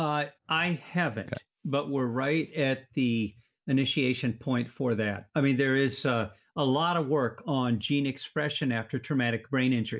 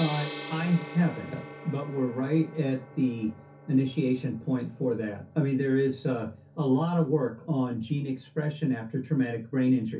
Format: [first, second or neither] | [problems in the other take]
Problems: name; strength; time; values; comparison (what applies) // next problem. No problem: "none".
first | background sound (Gong); 17 dB below the speech // room echo; dies away in 0.3 s